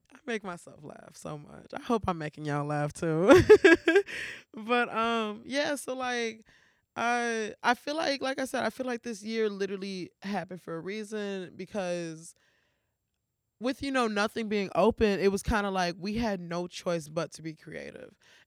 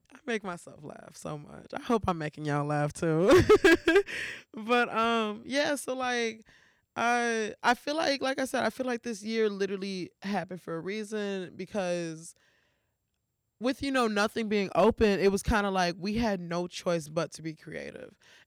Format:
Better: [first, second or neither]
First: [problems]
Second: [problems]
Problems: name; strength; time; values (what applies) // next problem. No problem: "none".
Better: first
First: none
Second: distortion; slight; 1.1% of the sound clipped